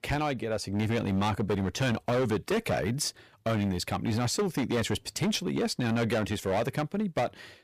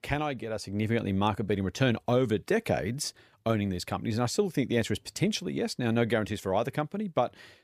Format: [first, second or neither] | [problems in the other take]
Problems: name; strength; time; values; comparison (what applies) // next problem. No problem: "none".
second | distortion; heavy; 16% of the sound clipped